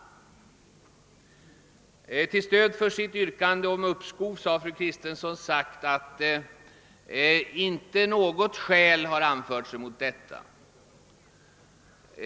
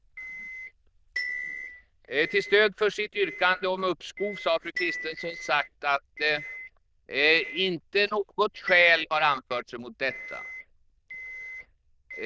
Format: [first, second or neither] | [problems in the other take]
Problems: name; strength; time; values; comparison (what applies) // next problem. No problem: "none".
first | noise reduction (neural diffusion model UNIVERSE++)